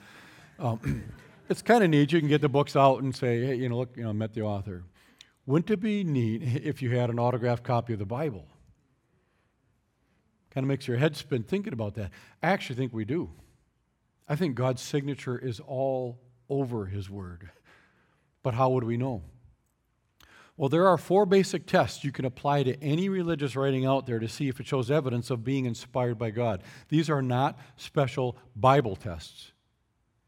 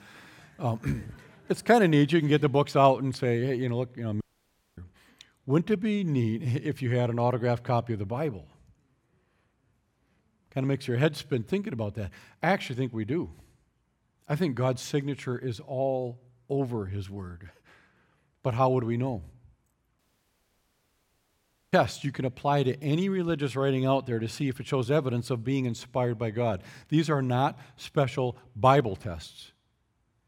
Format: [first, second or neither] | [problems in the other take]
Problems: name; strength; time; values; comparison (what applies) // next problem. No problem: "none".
first | audio cutting out; at 4 s for 0.5 s and at 20 s for 1.5 s